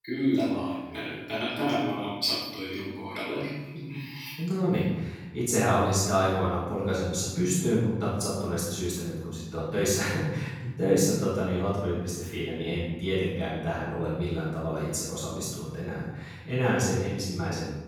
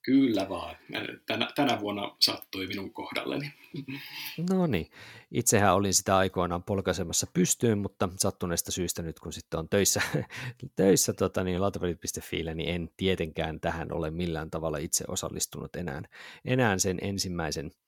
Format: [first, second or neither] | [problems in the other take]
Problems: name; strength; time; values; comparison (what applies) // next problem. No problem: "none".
second | room echo; strong; dies away in 1.2 s // off-mic speech; far